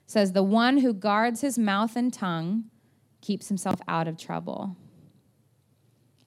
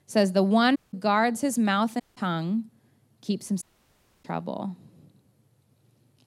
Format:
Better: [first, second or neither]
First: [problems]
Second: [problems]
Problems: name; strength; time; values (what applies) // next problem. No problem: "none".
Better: first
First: none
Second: audio cutting out; at 1 s, at 2 s and at 3.5 s for 0.5 s